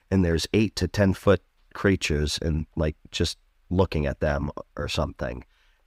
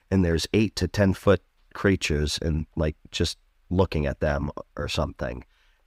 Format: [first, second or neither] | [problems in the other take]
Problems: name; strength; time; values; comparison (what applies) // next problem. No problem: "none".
neither | none